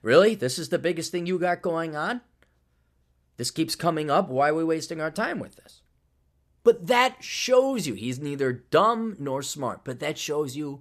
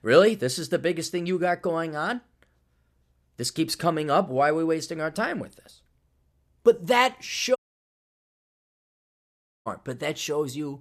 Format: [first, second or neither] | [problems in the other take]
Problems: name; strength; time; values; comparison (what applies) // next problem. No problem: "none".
first | audio cutting out; at 7.5 s for 2 s